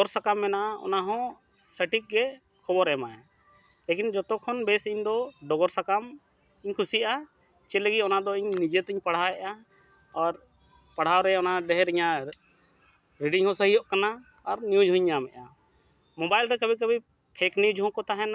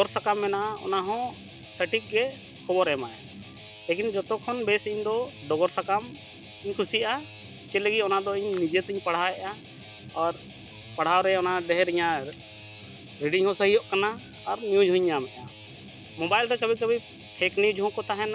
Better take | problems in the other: first | background sound (Guitar); 18 dB below the speech

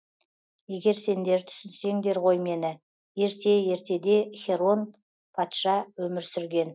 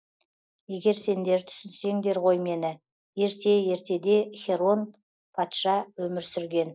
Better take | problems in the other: first | noise reduction (neural mask model Resemble Enhance denoiser)

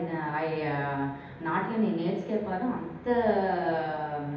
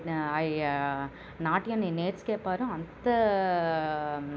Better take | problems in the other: second | room echo; dies away in 0.8 s

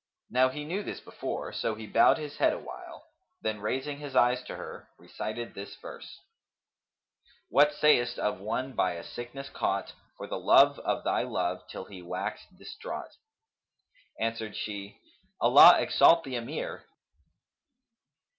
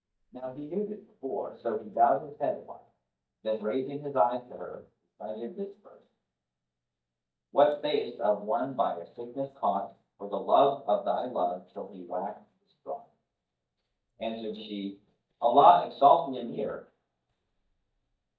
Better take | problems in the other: first | noise reduction (neural mask model DeepFilterNet 3)

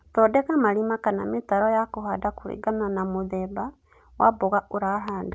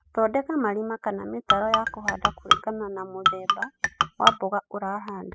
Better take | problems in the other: first | noise reduction (classical method spectral subtraction)

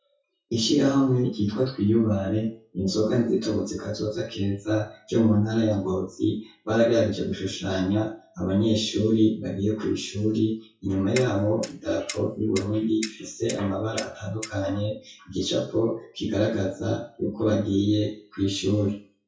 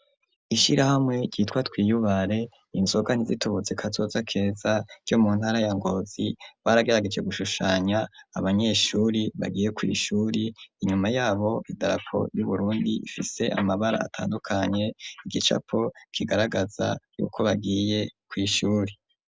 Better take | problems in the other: second | noise reduction (classical method WPE with log-MMSE)

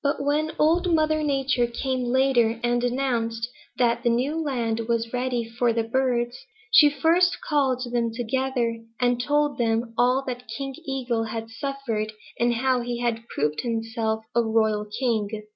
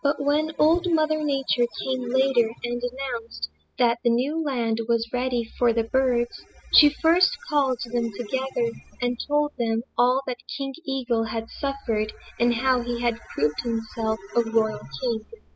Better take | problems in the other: first | noise reduction (classical method spectral subtraction)

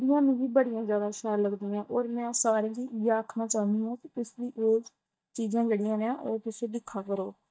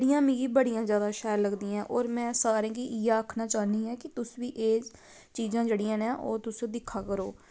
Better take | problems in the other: second | noise reduction (neural mask model DeepFilterNet 3)

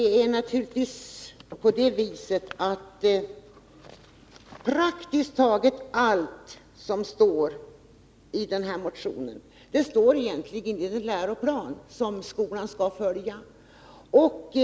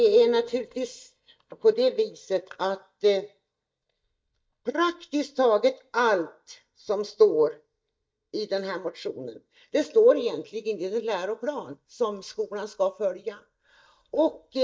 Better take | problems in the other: first | noise reduction (neural mask model DeepFilterNet 3)

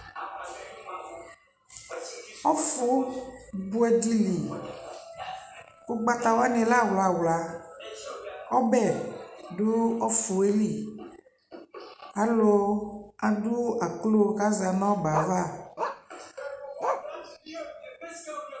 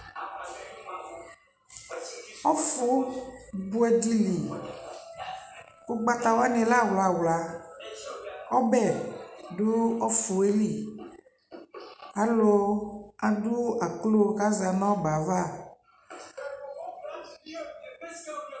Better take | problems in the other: second | background sound (Bark); 8 dB below the speech

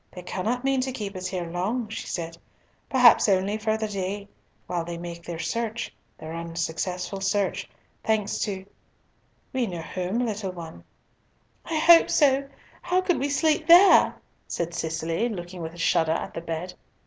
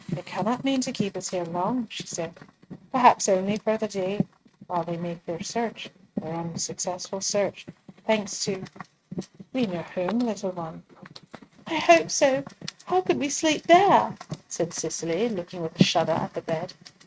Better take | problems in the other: first | noise reduction (neural mask model RNNoise)

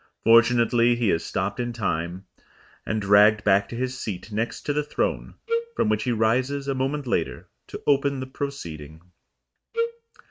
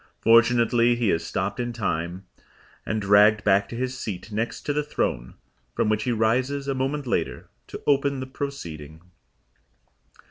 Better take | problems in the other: second | noise reduction (neural mask model RNNoise)

